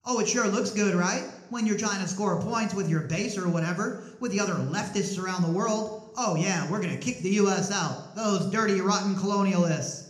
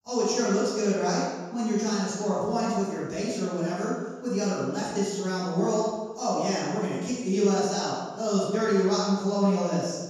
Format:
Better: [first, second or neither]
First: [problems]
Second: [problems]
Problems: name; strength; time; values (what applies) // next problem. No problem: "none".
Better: first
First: room echo; slight; dies away in 0.7 s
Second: room echo; strong; dies away in 1.2 s // off-mic speech; far